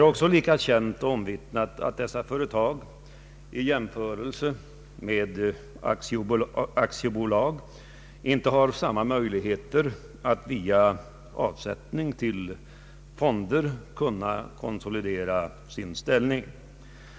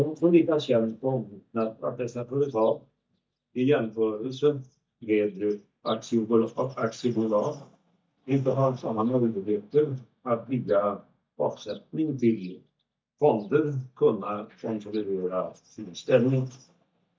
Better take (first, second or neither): first